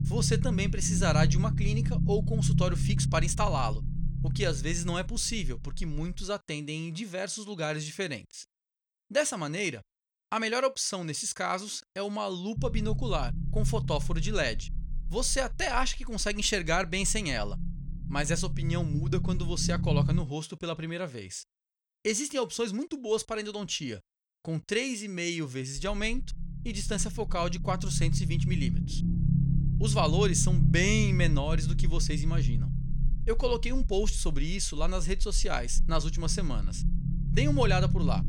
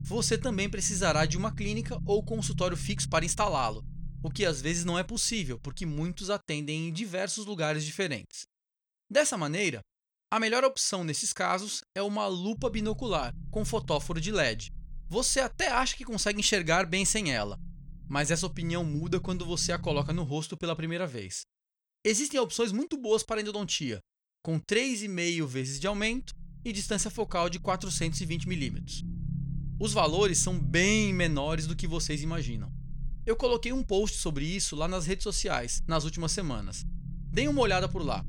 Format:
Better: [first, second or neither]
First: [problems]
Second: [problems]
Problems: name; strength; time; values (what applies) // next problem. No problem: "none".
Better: second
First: low rumble; loud; until 6 s, from 13 to 20 s and from 26 s on; 9 dB below the speech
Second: low rumble; faint; until 6 s, from 13 to 20 s and from 26 s on; 20 dB below the speech